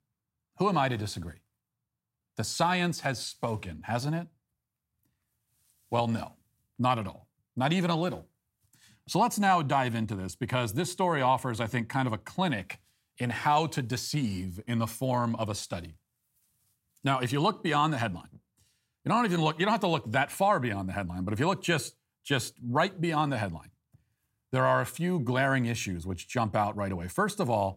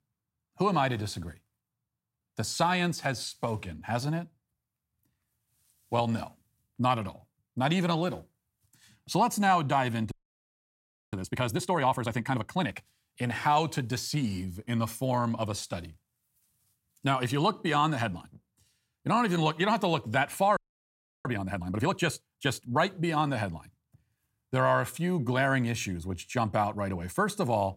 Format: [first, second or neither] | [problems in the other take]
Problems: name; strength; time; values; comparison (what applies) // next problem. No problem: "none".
first | audio freezing; at 10 s for 1 s and at 21 s for 0.5 s